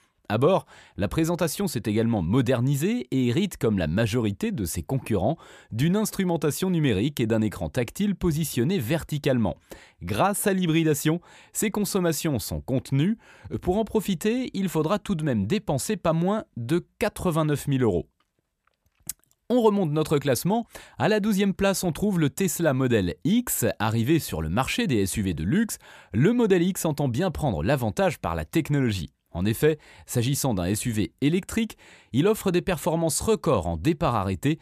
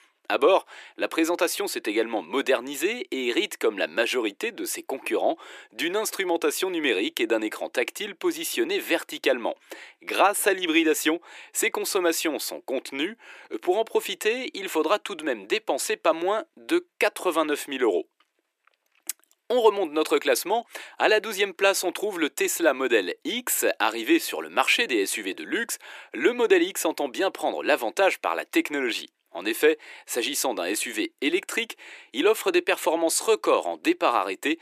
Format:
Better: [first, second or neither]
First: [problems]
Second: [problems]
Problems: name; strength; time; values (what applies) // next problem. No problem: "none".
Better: first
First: none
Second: thin; very; fading below 300 Hz